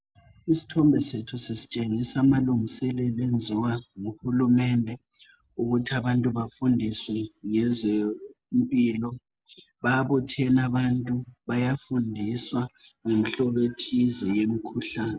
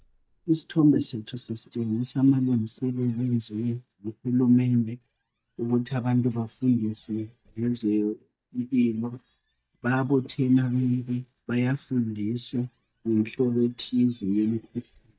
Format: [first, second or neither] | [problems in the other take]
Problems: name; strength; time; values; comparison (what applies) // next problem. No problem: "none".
first | noise reduction (neural mask model DeepFilterNet 3)